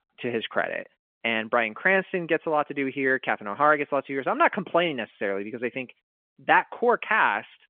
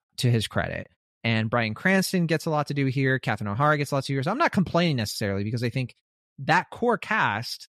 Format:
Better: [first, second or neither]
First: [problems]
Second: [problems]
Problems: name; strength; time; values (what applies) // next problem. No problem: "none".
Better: second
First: phone-call audio; nothing above 3.5 kHz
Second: none